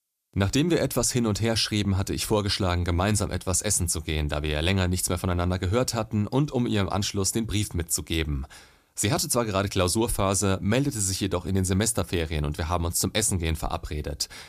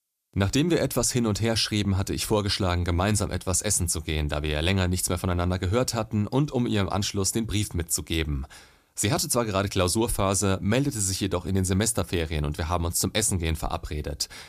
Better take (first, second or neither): neither